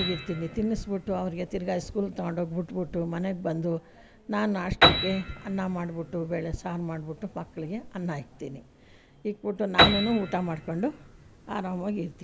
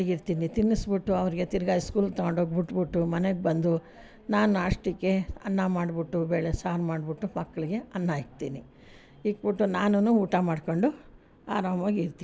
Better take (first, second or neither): second